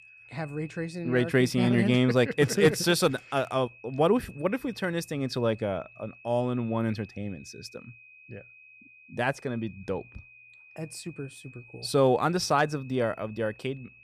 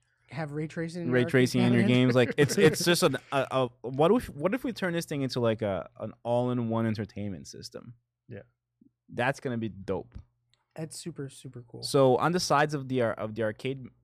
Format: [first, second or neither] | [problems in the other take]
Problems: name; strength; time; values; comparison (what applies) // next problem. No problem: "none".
second | high-pitched whine; faint; throughout; 2.5 kHz, 25 dB below the speech